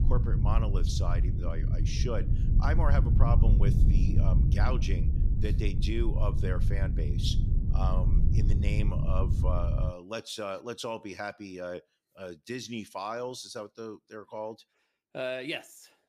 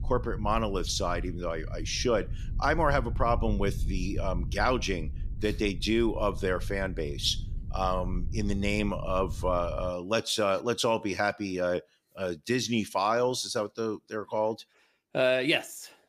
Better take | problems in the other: second | low rumble; loud; until 10 s; 5 dB below the speech; faint in the second

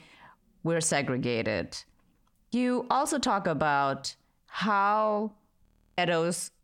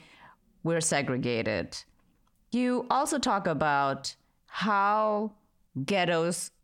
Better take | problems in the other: second | audio freezing; at 5.5 s

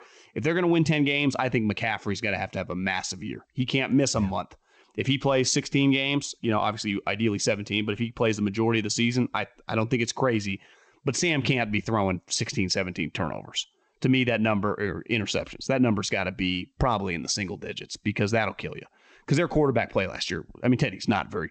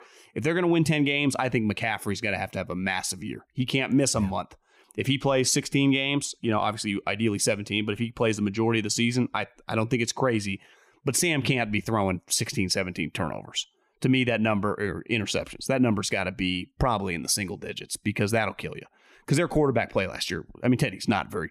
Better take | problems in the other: second | garbled, watery; slightly; nothing above 8 kHz

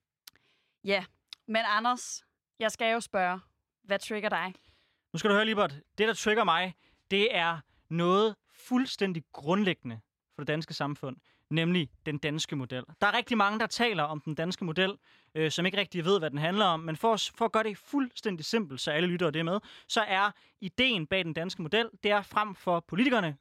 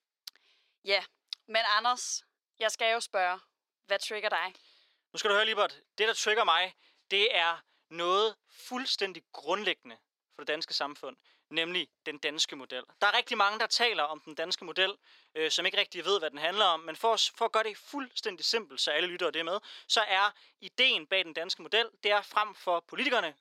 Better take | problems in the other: first | thin; very; fading below 400 Hz

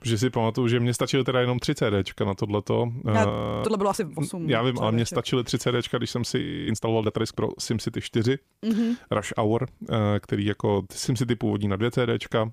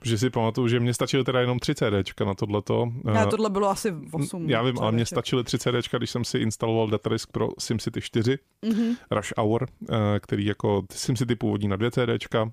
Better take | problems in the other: second | audio freezing; at 3.5 s and at 6.5 s

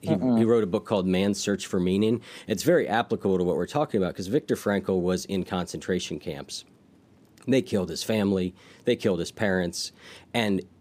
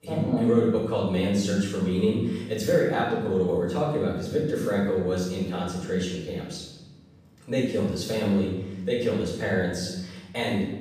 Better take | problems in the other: first | off-mic speech; far // room echo; strong; dies away in 1.2 s

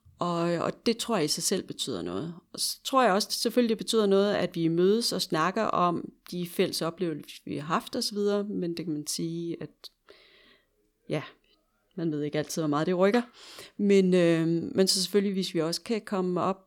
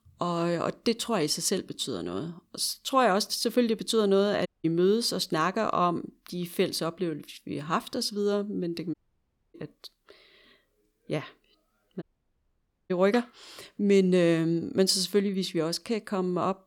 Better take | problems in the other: first | audio cutting out; at 4.5 s, at 9 s for 0.5 s and at 12 s for 1 s

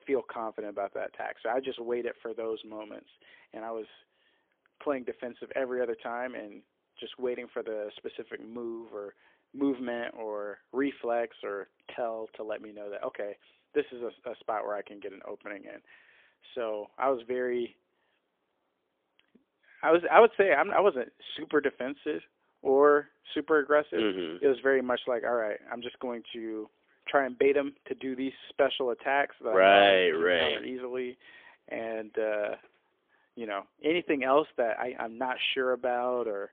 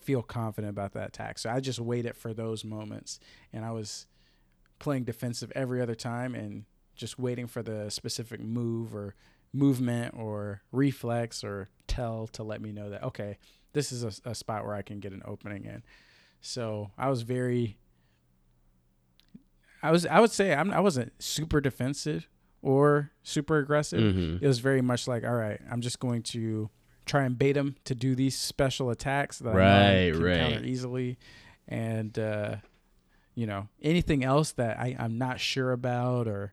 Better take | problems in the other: second | phone-call audio; poor line; nothing above 3.5 kHz

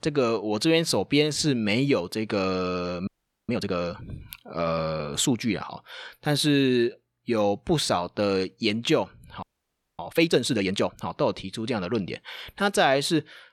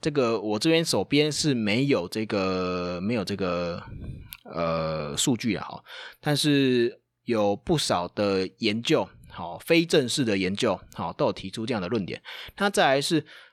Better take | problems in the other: second | audio freezing; at 3 s and at 9.5 s for 0.5 s

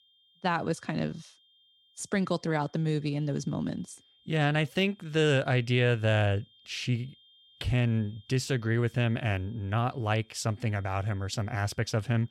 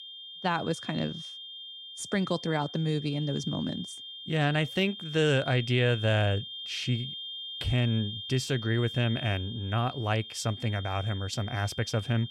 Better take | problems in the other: first | high-pitched whine; loud; throughout; 3 kHz, 9 dB below the speech; faint in the first

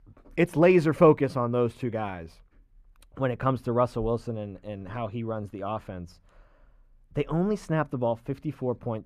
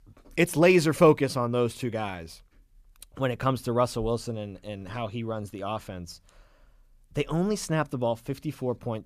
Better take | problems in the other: second | muffled; slightly; fading above 3 kHz

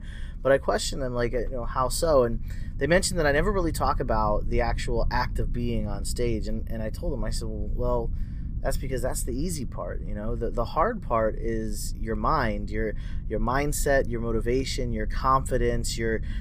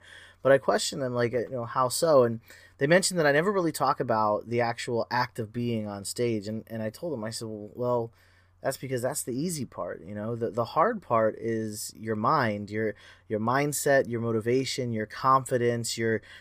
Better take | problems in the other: second | low rumble; faint; throughout; 25 dB below the speech

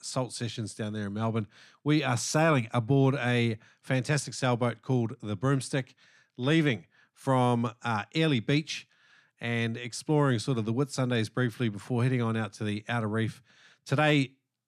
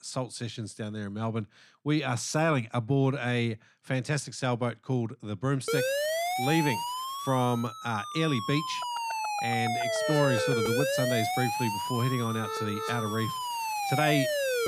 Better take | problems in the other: first | siren; loud; from 5.5 s on; peak 3 dB above the speech

